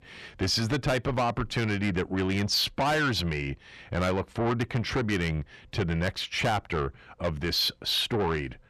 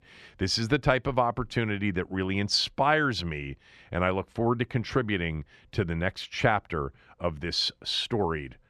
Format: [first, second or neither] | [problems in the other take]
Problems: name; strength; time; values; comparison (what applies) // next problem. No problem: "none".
second | distortion; heavy; 6 dB below the speech